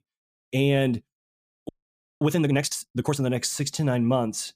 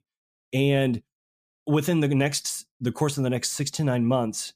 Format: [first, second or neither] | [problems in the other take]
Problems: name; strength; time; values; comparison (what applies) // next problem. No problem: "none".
second | audio freezing; at 1.5 s for 0.5 s